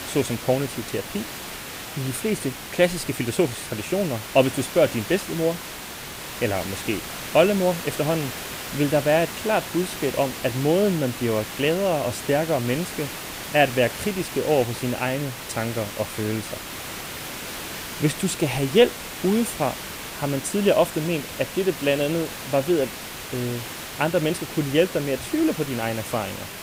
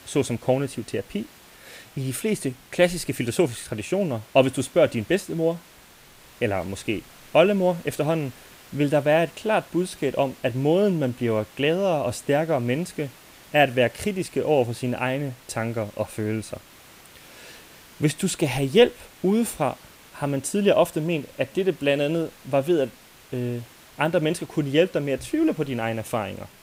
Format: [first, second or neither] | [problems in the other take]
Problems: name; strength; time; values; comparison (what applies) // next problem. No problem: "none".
second | hiss; loud; throughout; 9 dB below the speech; faint in the second